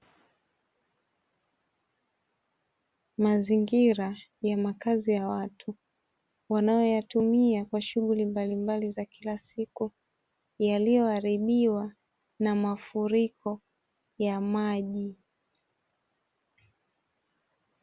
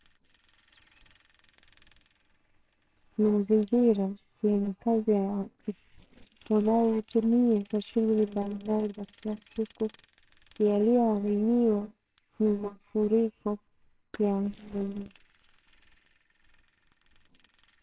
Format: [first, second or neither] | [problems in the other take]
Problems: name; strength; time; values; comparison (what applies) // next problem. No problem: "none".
first | noise reduction (neural separator model SepFormer WHAMR!)